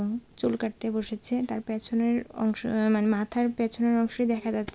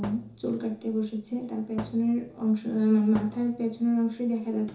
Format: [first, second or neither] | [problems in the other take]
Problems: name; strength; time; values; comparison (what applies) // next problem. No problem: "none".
first | background sound (Thump, thud); 17 dB below the speech // room echo; dies away in 0.7 s